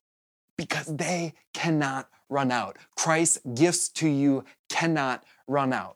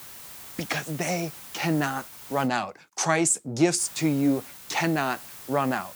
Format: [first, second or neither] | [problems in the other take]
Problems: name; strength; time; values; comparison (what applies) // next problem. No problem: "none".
first | hiss; noticeable; until 2.5 s and from 4 s on; 15 dB below the speech